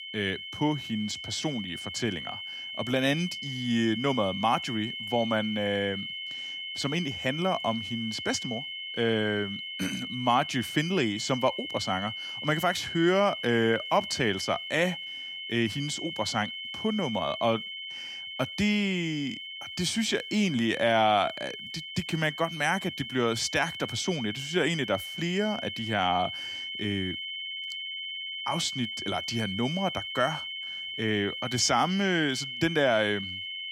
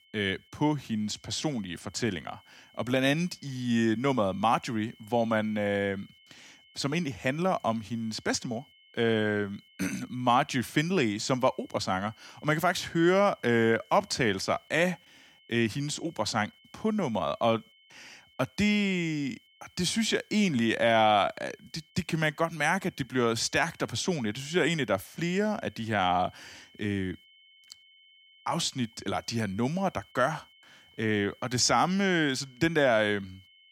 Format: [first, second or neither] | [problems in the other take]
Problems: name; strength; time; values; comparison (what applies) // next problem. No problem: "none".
second | high-pitched whine; loud; throughout; 3 kHz, 6 dB below the speech; faint in the second